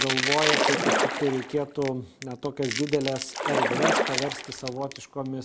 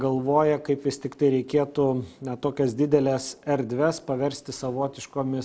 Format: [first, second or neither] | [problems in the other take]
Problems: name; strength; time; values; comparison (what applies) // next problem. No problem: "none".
second | background sound (Crushing + Splash, splatter); 1 dB above the speech